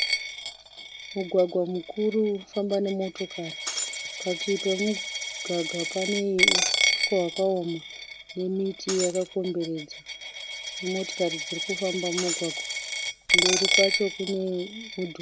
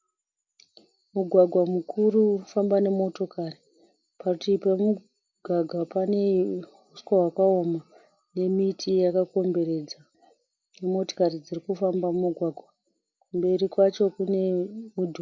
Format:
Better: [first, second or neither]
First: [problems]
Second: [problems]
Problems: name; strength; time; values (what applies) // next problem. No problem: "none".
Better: second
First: background sound (Coin (dropping) + Shatter); 1 dB below the speech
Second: none